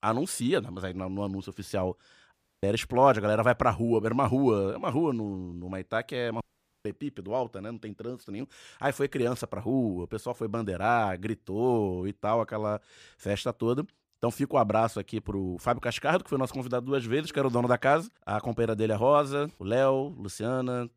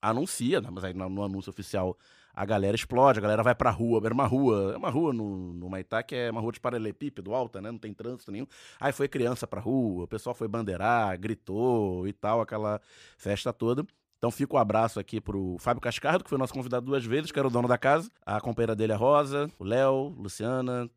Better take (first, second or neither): second